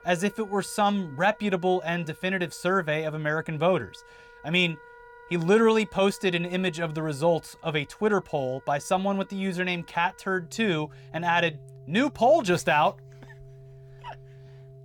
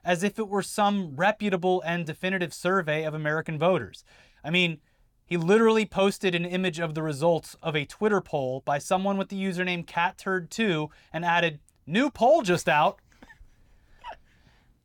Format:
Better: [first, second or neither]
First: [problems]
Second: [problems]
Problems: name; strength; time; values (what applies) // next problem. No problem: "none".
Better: second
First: background music; faint; throughout; 25 dB below the speech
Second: none